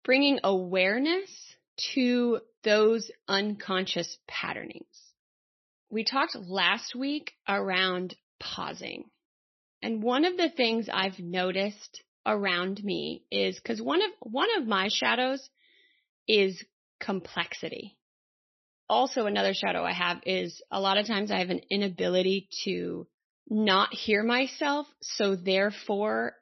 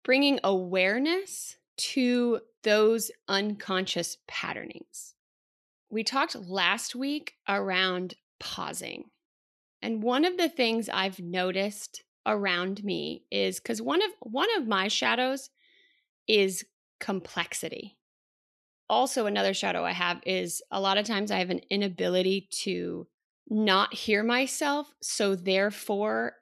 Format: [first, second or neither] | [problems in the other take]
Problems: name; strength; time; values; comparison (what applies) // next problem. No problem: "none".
second | garbled, watery; slightly; nothing above 6 kHz